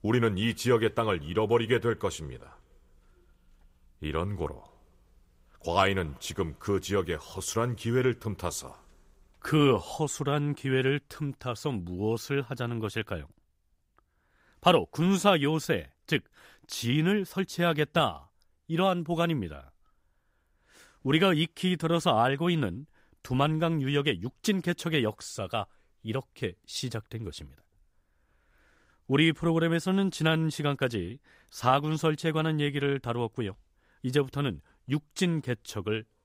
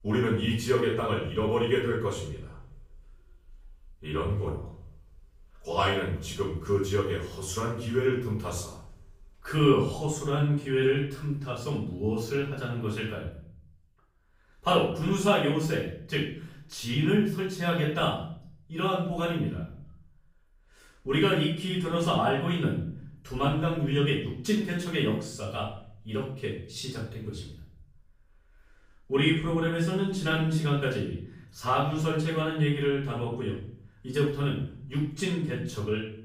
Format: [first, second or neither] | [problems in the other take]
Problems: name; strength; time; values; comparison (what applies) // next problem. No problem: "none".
first | room echo; noticeable; dies away in 0.6 s // off-mic speech; far